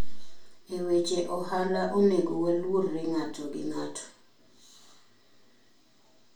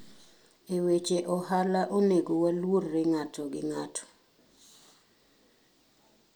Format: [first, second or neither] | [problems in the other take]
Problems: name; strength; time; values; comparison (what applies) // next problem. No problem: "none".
second | room echo; dies away in 0.3 s